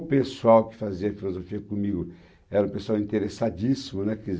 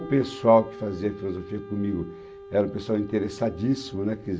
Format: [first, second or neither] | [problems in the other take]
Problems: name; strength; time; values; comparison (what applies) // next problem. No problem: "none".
first | background sound (Wind instrument, woodwind instrument); 16 dB below the speech